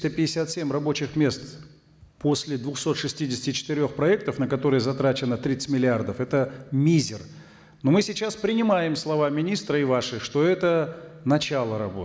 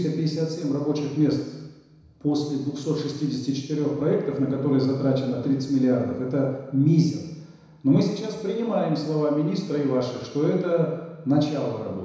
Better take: first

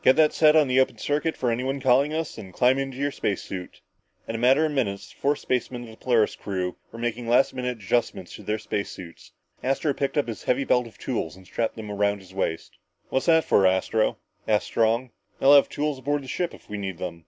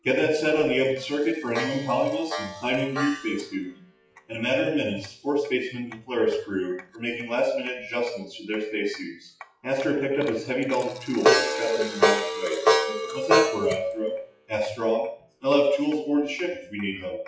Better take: first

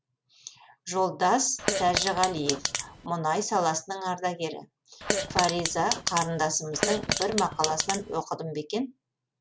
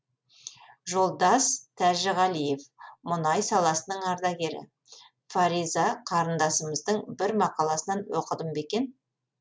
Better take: second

